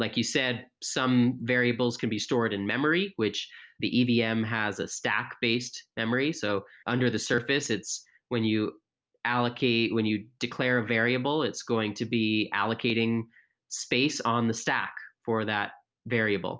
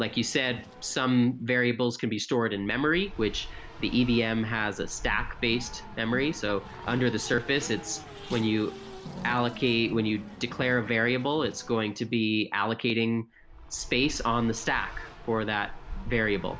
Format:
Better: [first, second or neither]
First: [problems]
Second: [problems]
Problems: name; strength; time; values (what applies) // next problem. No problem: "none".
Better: first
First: none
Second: background sound (Race car, auto racing); 13 dB below the speech